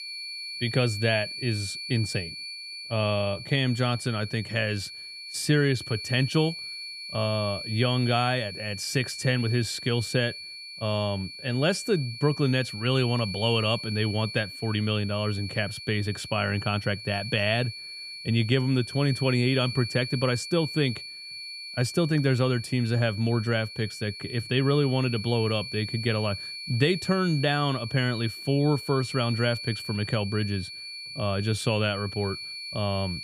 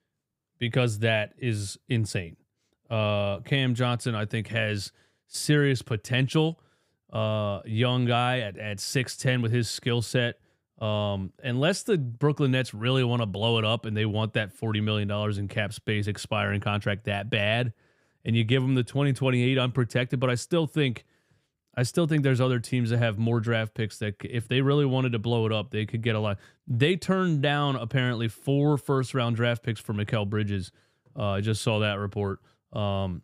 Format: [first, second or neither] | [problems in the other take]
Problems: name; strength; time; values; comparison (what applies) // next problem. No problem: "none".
second | high-pitched whine; loud; throughout; 4.5 kHz, 9 dB below the speech